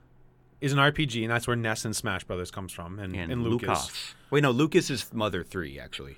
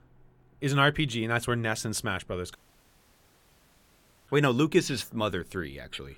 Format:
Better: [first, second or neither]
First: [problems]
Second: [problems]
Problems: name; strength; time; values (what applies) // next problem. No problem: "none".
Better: first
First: none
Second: audio cutting out; at 2.5 s for 1.5 s